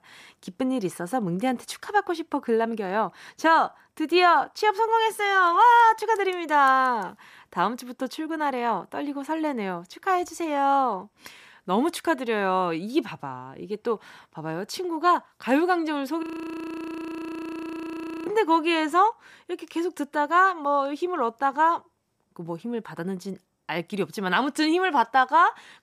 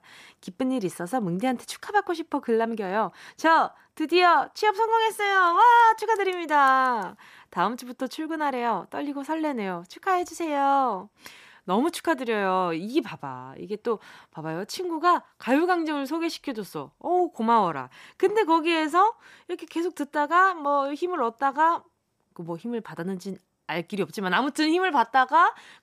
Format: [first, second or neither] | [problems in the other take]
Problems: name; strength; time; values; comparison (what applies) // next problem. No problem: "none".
second | audio freezing; at 16 s for 2 s